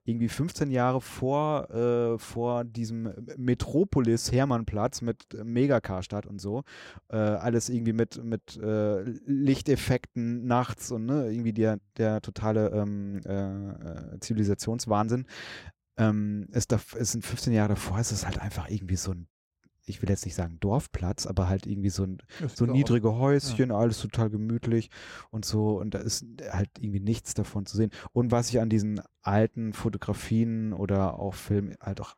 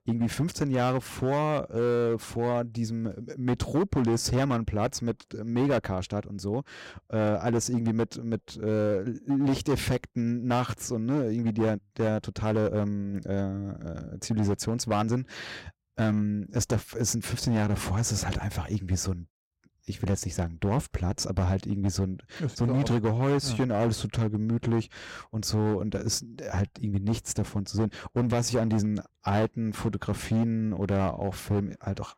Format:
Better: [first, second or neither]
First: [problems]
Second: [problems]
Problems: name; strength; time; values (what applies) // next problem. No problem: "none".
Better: first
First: none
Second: distortion; slight; 8% of the sound clipped